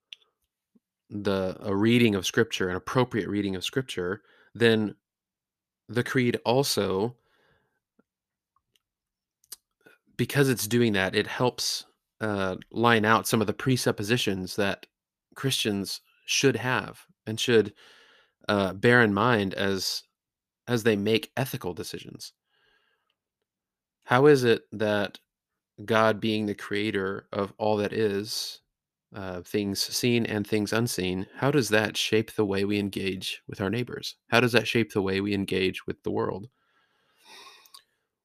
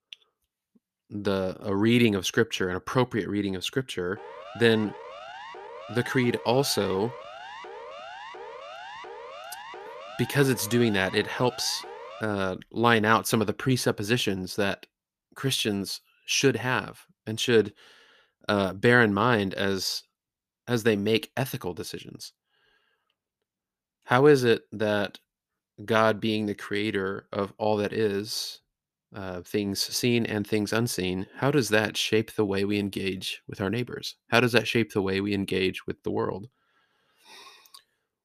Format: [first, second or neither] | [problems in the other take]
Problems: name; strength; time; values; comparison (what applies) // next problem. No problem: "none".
first | siren; faint; from 4 to 12 s; peak 15 dB below the speech